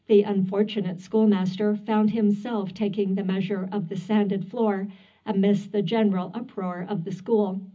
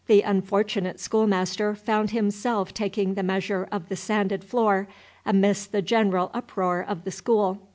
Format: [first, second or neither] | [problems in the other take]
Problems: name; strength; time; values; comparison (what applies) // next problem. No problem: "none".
second | room echo; dies away in 0.4 s